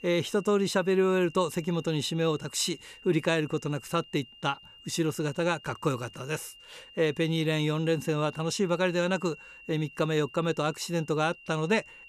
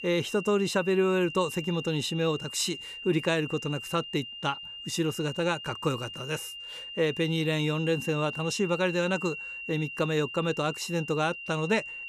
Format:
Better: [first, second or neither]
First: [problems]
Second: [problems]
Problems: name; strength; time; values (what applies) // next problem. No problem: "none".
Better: first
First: high-pitched whine; faint; throughout; 3 kHz, 20 dB below the speech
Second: high-pitched whine; loud; throughout; 3 kHz, 9 dB below the speech